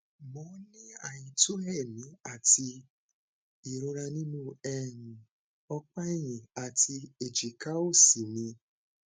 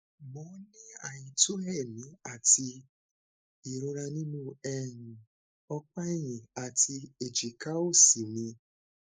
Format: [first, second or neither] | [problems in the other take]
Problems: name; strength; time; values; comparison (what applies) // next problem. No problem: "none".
first | noise reduction (neural mask model Resemble Enhance denoiser)